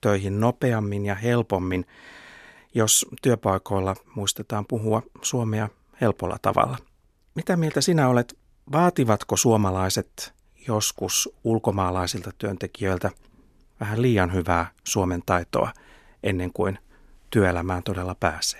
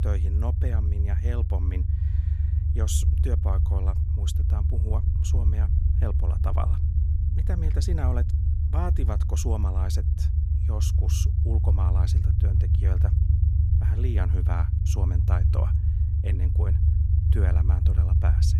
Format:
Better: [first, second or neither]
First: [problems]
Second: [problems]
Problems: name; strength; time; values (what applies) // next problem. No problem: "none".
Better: first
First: none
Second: low rumble; loud; throughout; 1 dB below the speech